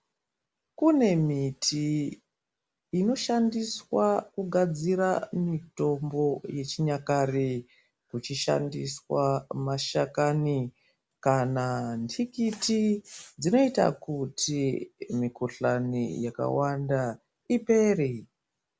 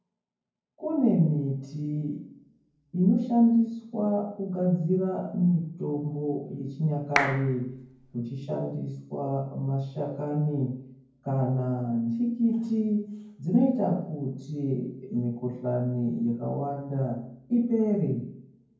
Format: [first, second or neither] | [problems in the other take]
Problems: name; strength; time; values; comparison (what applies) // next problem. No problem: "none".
first | background sound (Clapping); 5 dB below the speech // room echo; dies away in 0.9 s